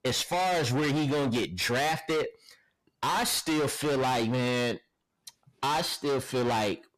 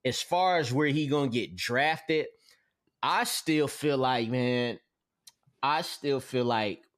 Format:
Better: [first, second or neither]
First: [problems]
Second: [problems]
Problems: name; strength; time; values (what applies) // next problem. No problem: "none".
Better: second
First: distortion; heavy; 30% of the sound clipped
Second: none